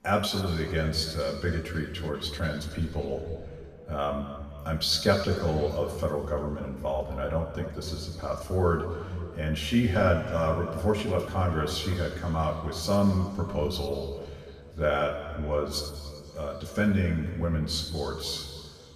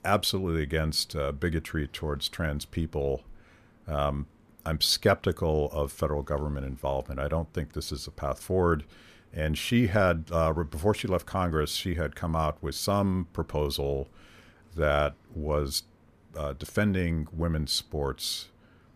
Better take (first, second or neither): second